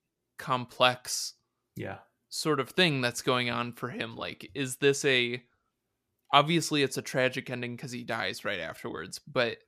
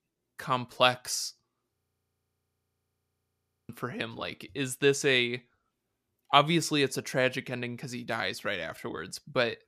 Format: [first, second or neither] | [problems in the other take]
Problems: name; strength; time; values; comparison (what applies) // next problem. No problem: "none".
first | audio freezing; at 2 s for 2 s